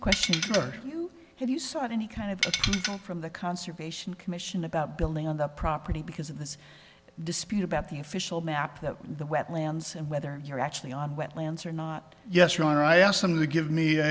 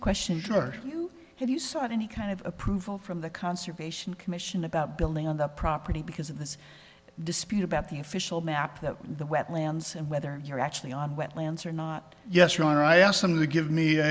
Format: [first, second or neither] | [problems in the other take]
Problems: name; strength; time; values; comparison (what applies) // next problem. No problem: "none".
second | background sound (Tools); 2 dB below the speech